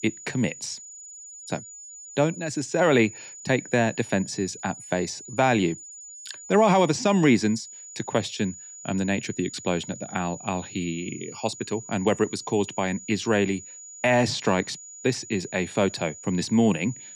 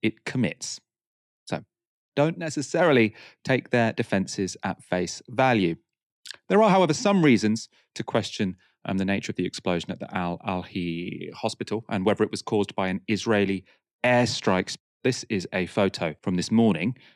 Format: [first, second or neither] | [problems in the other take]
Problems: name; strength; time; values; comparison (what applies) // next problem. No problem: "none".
second | high-pitched whine; noticeable; throughout; 7 kHz, 15 dB below the speech